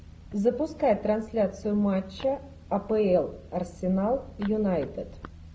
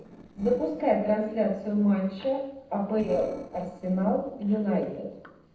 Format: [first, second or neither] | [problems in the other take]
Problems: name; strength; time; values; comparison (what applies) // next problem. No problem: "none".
first | noise reduction (neural separator model SepFormer DNS4)